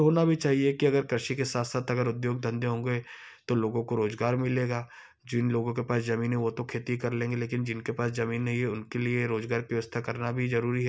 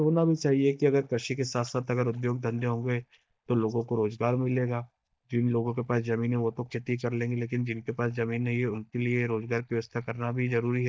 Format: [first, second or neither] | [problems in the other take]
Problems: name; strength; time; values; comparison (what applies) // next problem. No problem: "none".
first | noise reduction (neural mask model DeepFilterNet 3)